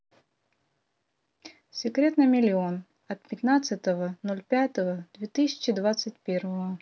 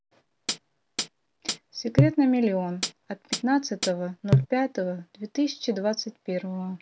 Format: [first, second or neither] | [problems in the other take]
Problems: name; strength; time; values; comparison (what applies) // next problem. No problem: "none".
first | background sound (Hi-hat); as loud as the speech